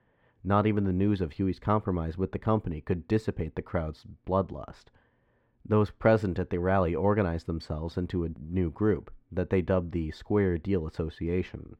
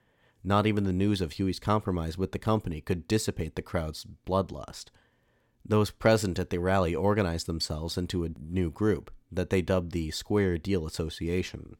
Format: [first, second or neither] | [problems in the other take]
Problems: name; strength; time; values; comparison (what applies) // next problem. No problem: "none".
second | muffled; very; fading above 3.5 kHz